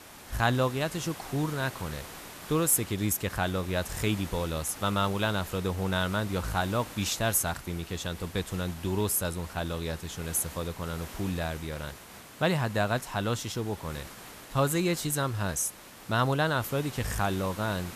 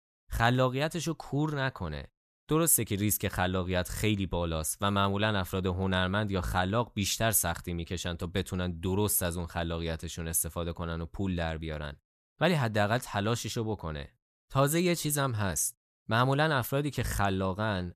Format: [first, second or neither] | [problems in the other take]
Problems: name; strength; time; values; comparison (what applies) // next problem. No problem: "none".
second | hiss; noticeable; throughout; 15 dB below the speech